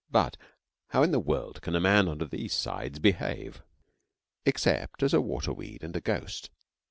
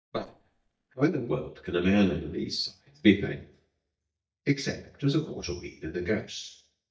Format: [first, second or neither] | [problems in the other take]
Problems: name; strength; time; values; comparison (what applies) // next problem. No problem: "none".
first | noise reduction (neural mask model DeepFilterNet 3)